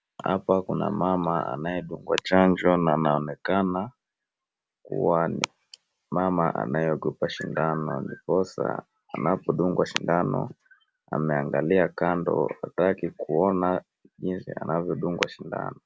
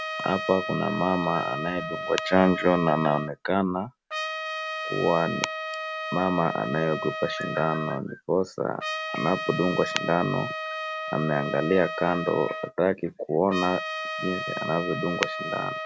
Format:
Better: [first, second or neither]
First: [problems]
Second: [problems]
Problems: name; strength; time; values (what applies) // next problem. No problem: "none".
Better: first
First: none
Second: background sound (Trumpet); 6 dB below the speech